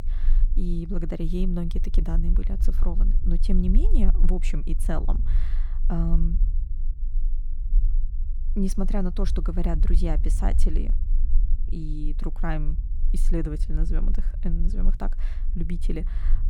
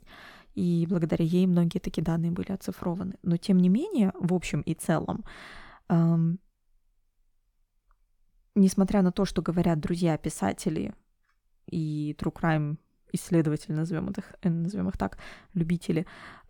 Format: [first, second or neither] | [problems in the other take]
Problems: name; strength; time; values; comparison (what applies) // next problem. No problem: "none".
second | low rumble; noticeable; throughout; 15 dB below the speech